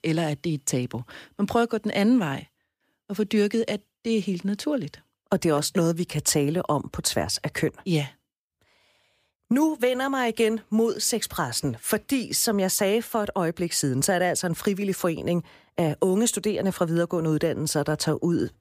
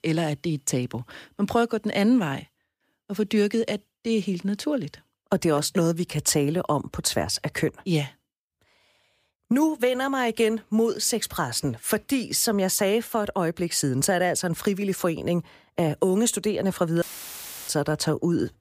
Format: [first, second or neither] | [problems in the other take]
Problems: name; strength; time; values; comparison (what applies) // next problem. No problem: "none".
first | audio cutting out; filled with static; at 17 s for 0.5 s